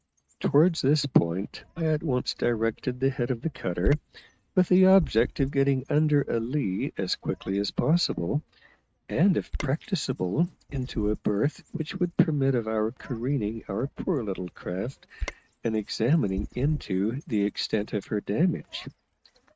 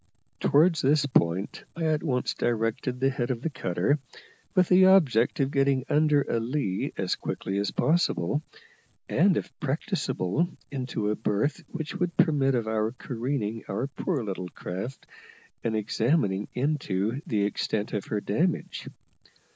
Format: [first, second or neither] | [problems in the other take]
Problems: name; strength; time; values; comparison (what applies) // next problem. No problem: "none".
second | noise reduction (neural mask model RNNoise)